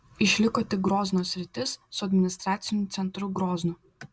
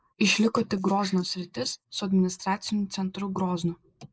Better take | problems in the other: first | noise reduction (neural mask model Resemble Enhance denoiser)

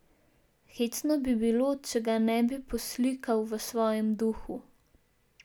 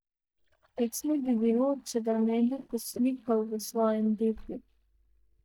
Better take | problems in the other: first | noise reduction (neural mask model DeepFilterNet 3)

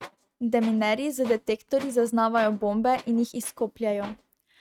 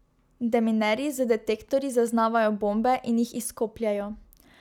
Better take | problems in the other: second | noise reduction (neural mask model RNNoise)

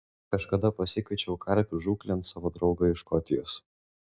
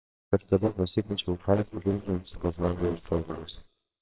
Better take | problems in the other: first | noise reduction (neural separator model SepFormer WHAMR!)

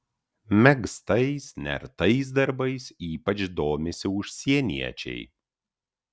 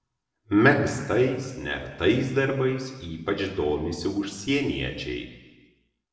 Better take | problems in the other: first | room echo; dies away in 1.2 s

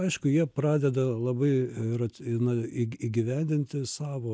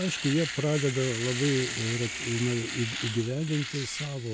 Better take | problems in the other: first | background sound (Domestic sounds, home sounds); 6 dB below the speech

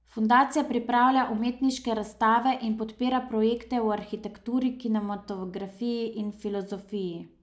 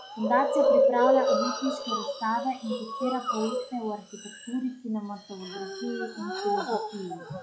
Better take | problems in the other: first | noise reduction (classical method log-MMSE)

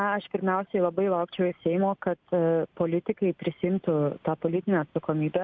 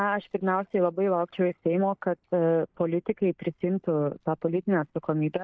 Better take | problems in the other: first | noise reduction (neural mask model DeepFilterNet 3)

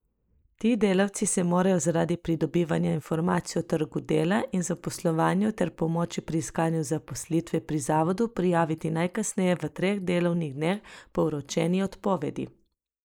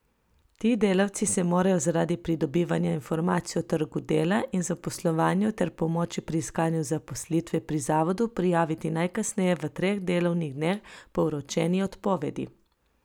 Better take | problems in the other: second | noise reduction (neural mask model Resemble Enhance denoiser)

